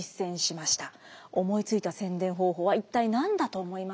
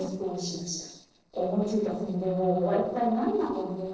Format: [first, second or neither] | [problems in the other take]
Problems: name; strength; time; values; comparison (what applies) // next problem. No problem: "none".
first | noise reduction (neural separator model SepFormer DNS4)